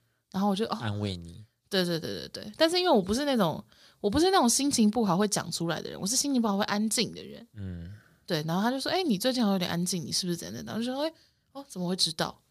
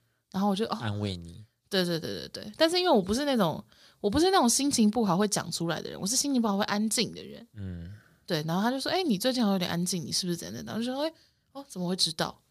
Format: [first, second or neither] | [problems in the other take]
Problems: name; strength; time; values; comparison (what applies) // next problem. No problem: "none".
neither | none